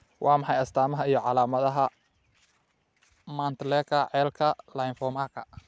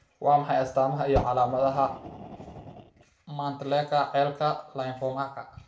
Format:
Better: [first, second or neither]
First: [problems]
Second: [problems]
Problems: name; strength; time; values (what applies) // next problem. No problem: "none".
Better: first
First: none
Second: background sound (Fire); 11 dB below the speech // room echo; dies away in 0.4 s